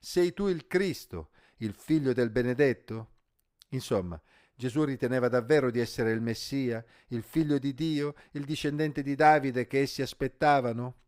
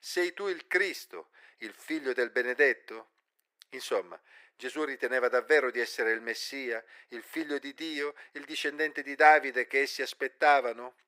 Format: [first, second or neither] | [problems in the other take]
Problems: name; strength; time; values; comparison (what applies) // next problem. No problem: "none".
first | thin; very; fading below 400 Hz